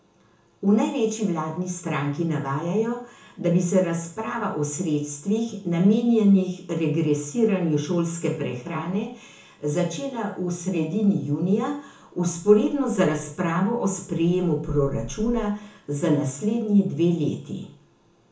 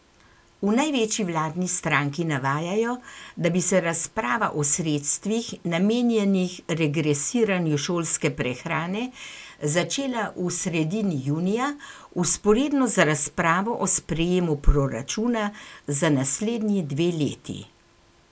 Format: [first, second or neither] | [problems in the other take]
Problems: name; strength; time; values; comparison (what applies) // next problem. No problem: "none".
second | room echo; dies away in 0.7 s